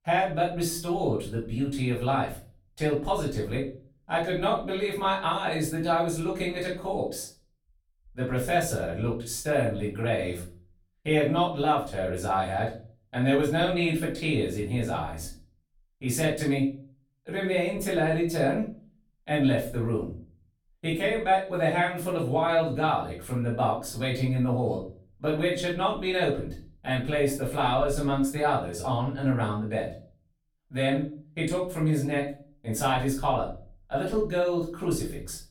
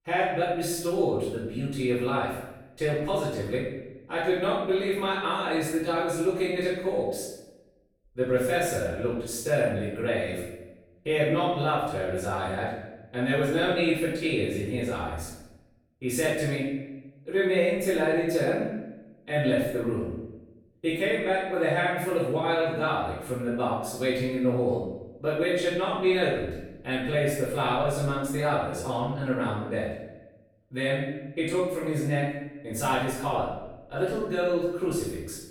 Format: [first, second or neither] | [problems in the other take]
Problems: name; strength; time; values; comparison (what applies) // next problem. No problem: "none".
first | room echo; strong; dies away in 0.9 s; slight in the first // off-mic speech; far; far in the first